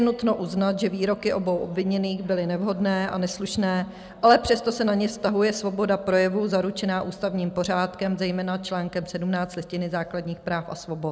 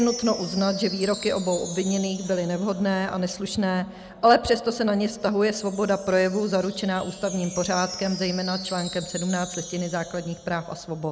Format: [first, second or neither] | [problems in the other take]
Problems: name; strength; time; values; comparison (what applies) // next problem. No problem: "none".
first | background sound (Wind chime); 14 dB below the speech